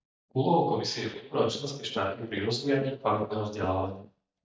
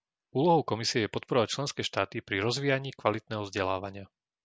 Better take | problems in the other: second | noise reduction (neural mask model DeepFilterNet 3)

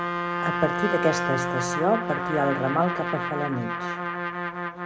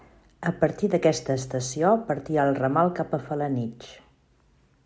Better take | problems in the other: second | background sound (Trumpet); 1 dB below the speech

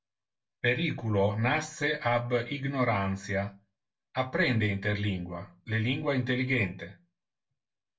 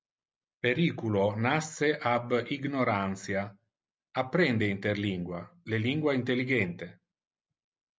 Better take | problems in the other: second | room echo; dies away in 0.2 s

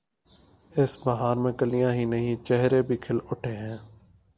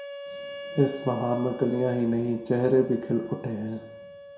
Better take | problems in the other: first | background sound (Wind instrument, woodwind instrument); 14 dB below the speech // room echo; dies away in 0.6 s

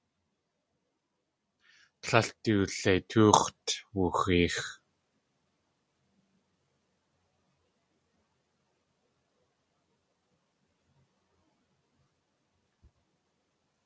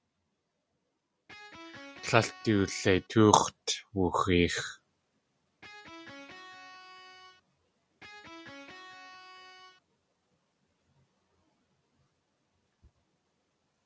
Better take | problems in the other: first | background sound (Electric guitar); 16 dB below the speech

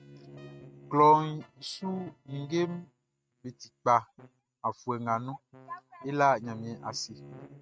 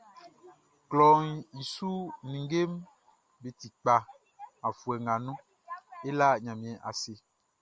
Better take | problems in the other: second | noise reduction (neural mask model RNNoise)

